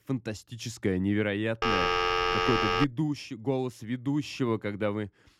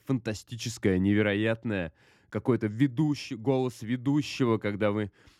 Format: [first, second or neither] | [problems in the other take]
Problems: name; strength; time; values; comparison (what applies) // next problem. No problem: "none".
second | phone ringing; loud; from 1.5 to 3 s; peak 6 dB above the speech